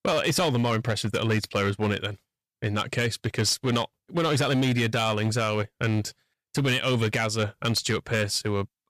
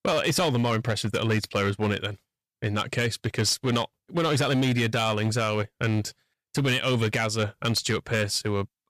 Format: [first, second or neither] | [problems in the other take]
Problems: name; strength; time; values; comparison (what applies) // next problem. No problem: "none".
neither | distortion; slight; 9% of the sound clipped; the same in both